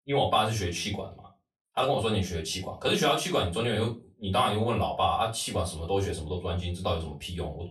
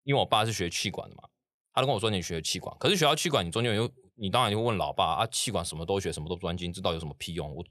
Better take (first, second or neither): second